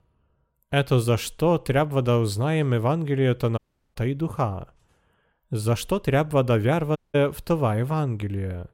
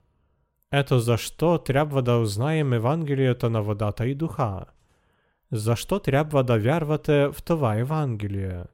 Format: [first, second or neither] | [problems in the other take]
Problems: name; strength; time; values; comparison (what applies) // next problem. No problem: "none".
second | audio cutting out; at 3.5 s and at 7 s